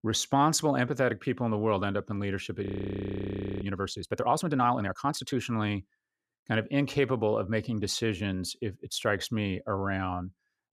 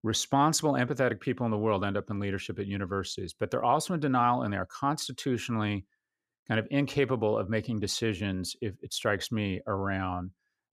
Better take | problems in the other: second | audio freezing; at 2.5 s for 1 s

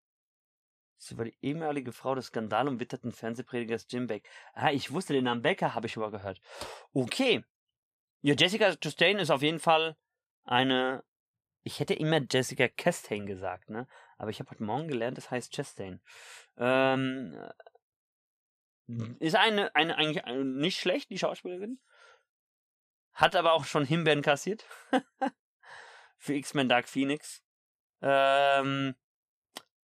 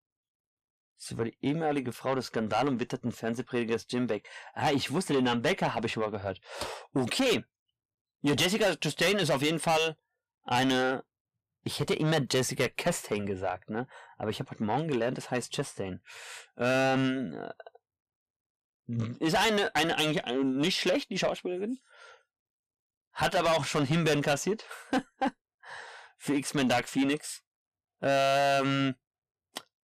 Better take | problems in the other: first | distortion; heavy; 6 dB below the speech

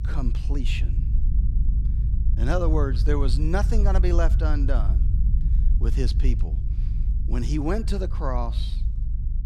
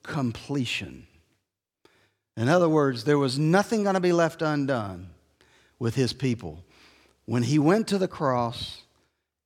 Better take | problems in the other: second | low rumble; noticeable; throughout; 10 dB below the speech

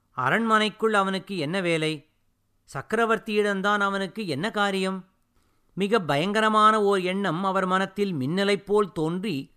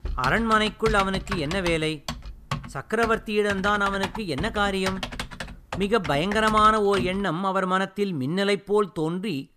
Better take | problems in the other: first | keyboard typing; noticeable; until 7 s; peak 7 dB below the speech

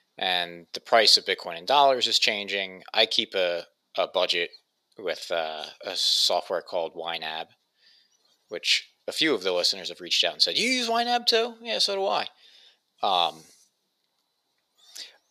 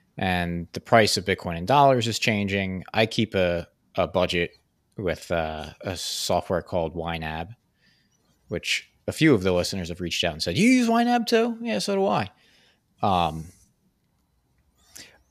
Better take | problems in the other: second | thin; somewhat; fading below 500 Hz

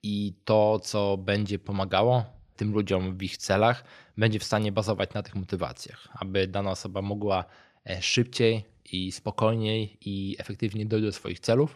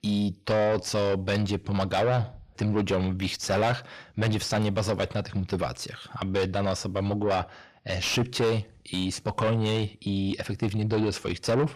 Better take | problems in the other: first | distortion; heavy; 6 dB below the speech

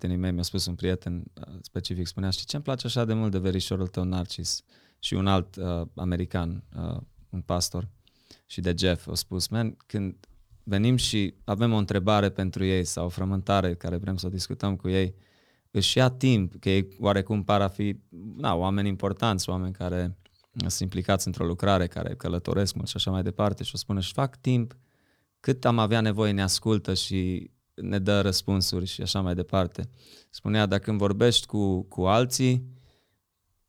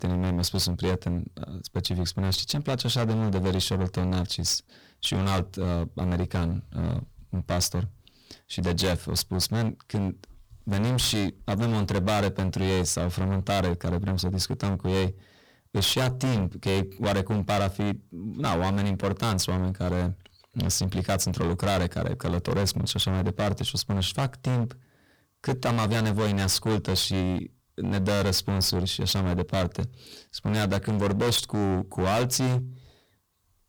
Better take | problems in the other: first | distortion; heavy; 20% of the sound clipped

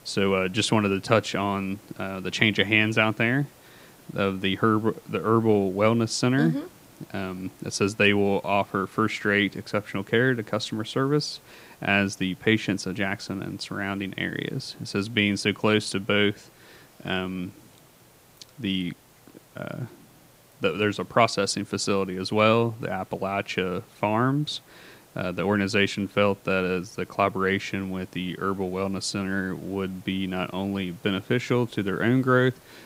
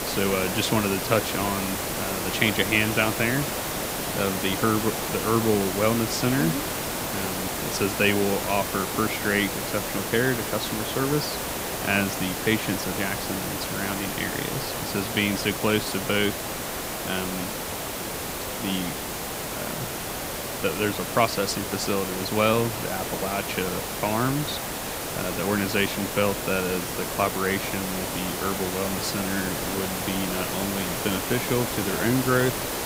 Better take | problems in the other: first | hiss; loud; throughout; 2 dB below the speech; faint in the first

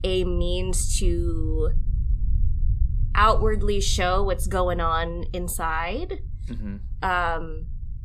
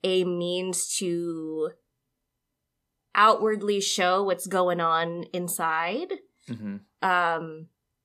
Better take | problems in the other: second | low rumble; faint; throughout; 25 dB below the speech

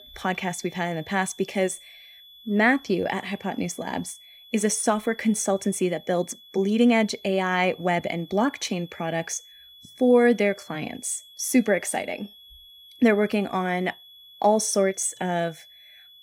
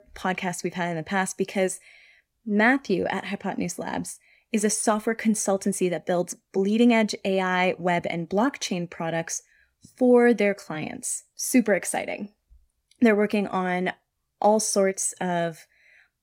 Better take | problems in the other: second | high-pitched whine; faint; throughout; 3.5 kHz, 20 dB below the speech

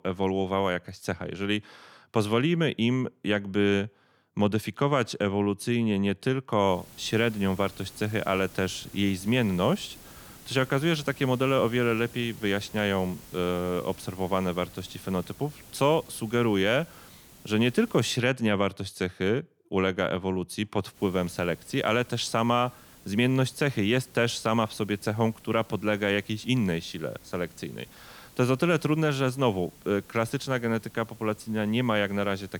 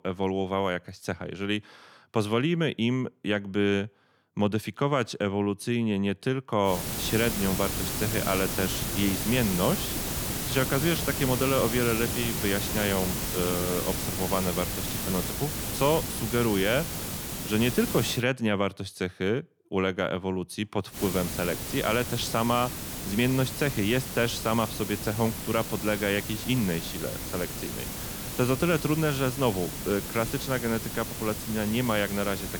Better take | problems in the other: first | hiss; loud; from 6.5 to 18 s and from 21 s on; 3 dB below the speech; faint in the first

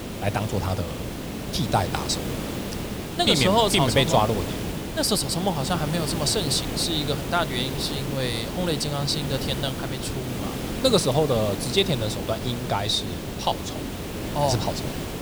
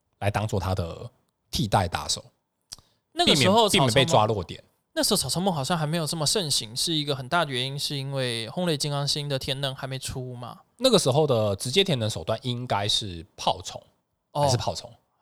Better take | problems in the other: second | hiss; loud; throughout; 6 dB below the speech

